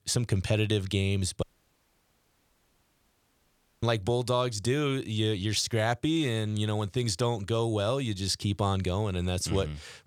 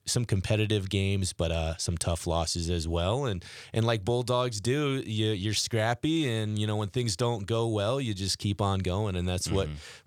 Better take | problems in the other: second | audio cutting out; at 1.5 s for 2.5 s

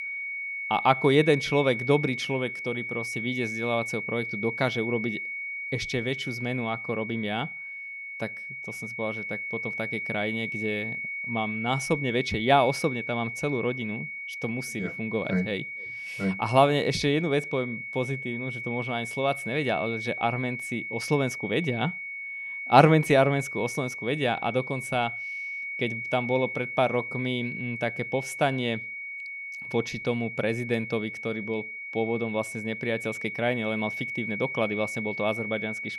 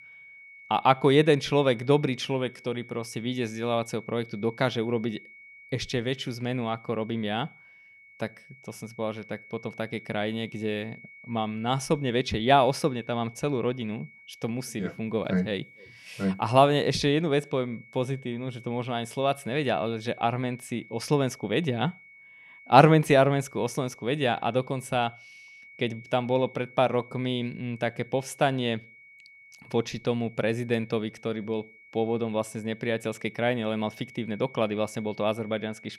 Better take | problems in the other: second | high-pitched whine; loud; throughout; 2 kHz, 5 dB below the speech; faint in the second

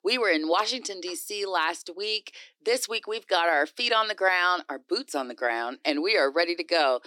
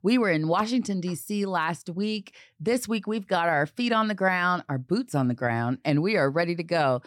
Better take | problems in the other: second | thin; somewhat; fading below 300 Hz

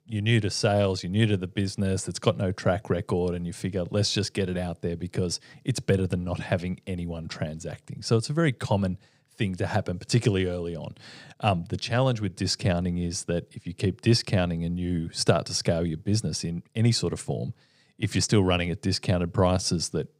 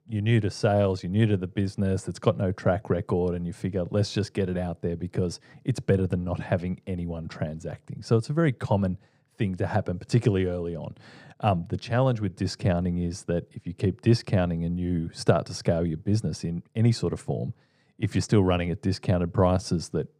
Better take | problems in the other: first | muffled; slightly; fading above 2 kHz

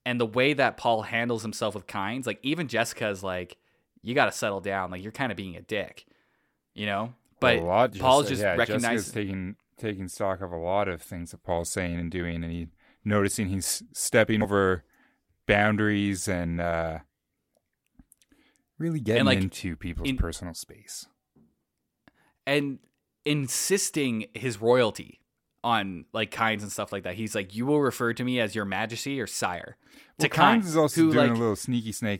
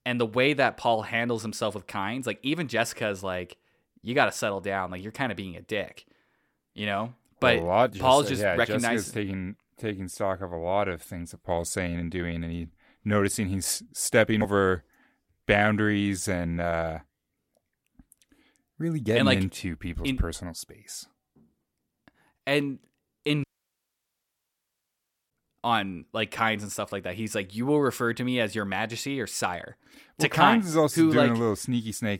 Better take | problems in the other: first | audio cutting out; at 23 s for 2 s

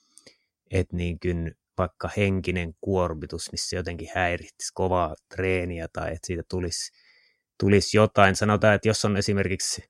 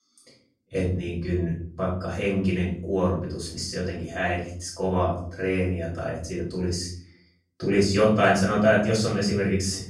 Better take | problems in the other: first | off-mic speech; far // room echo; noticeable; dies away in 0.6 s

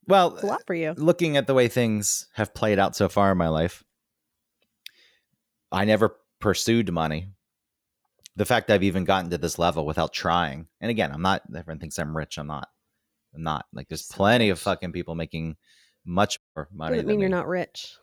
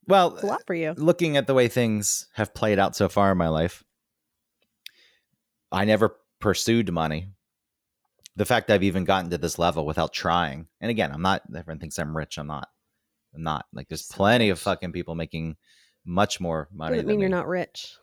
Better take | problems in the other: second | audio cutting out; at 16 s

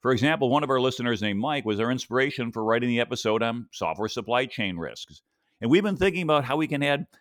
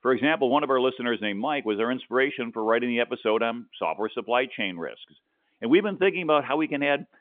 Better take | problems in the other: first | phone-call audio; nothing above 3.5 kHz

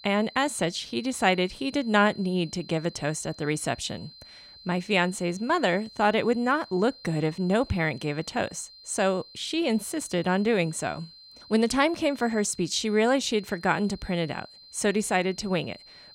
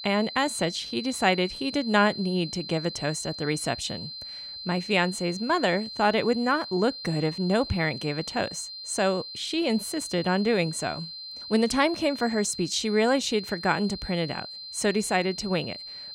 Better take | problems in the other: first | high-pitched whine; loud; throughout; 4 kHz, 10 dB below the speech; faint in the first

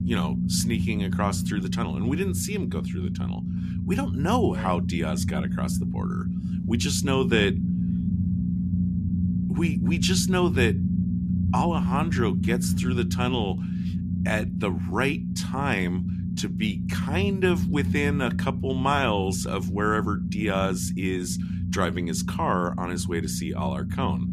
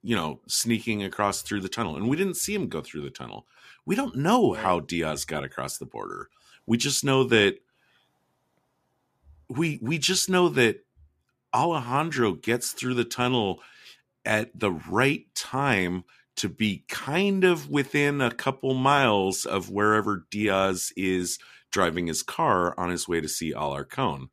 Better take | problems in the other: second | low rumble; loud; throughout; 8 dB below the speech

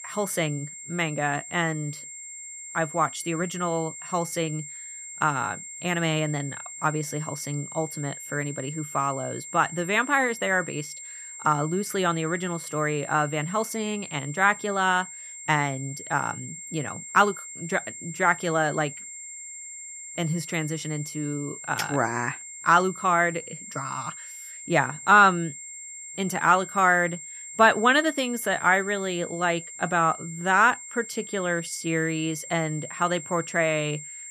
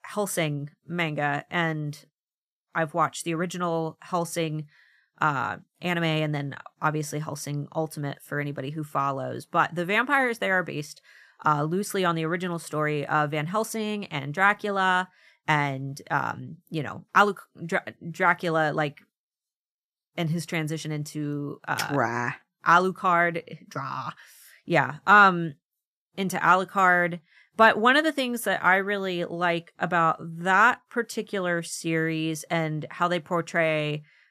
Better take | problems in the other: second | high-pitched whine; noticeable; throughout; 7.5 kHz, 10 dB below the speech

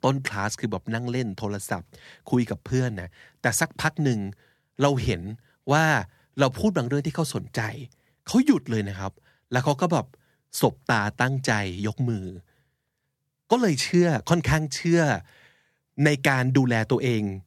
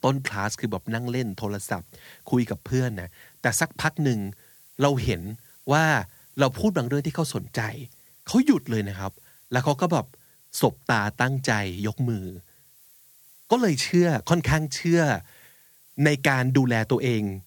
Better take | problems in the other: first | hiss; faint; throughout; 25 dB below the speech

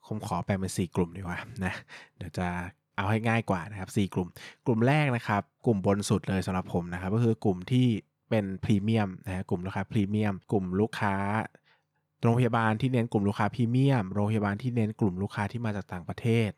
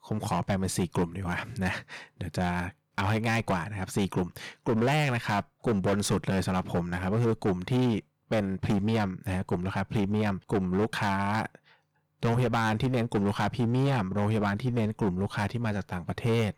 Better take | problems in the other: first | distortion; heavy; 16% of the sound clipped

